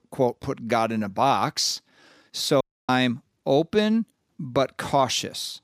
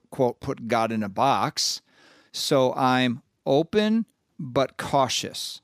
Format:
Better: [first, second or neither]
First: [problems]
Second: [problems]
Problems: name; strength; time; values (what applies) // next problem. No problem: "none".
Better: second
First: audio cutting out; at 2.5 s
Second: none